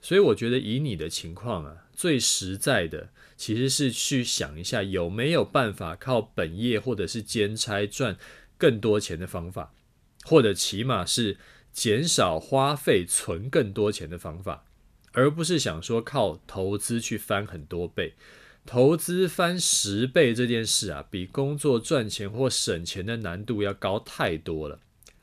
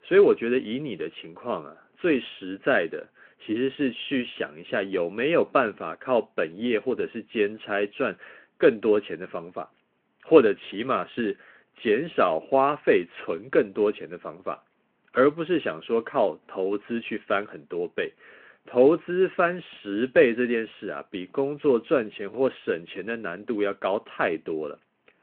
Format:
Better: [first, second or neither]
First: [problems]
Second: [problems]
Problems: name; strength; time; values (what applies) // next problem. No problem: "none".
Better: first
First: none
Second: phone-call audio